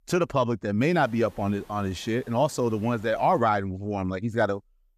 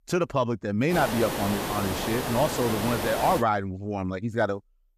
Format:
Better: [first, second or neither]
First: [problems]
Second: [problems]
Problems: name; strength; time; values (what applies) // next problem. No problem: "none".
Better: first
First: hiss; faint; from 1 to 3.5 s; 25 dB below the speech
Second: hiss; loud; from 1 to 3.5 s; 4 dB below the speech